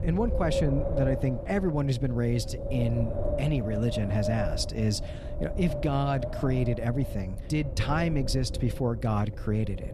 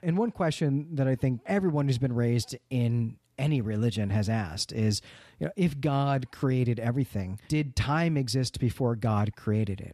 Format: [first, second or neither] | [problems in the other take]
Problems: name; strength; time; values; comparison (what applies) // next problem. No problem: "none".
second | wind noise on the microphone; heavy; 3 dB below the speech